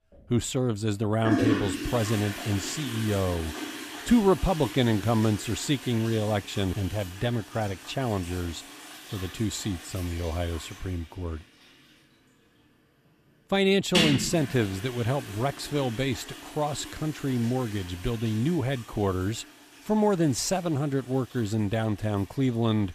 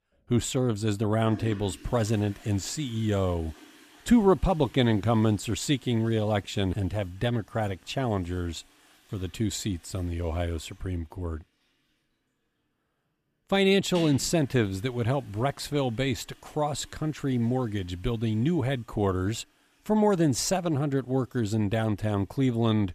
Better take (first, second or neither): second